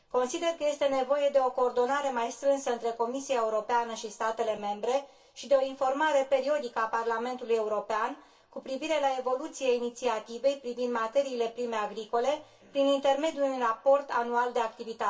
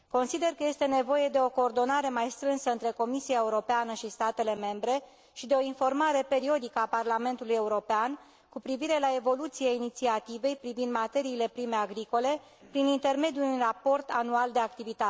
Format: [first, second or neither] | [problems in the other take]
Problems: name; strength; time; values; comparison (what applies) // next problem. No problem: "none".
second | room echo; dies away in 0.2 s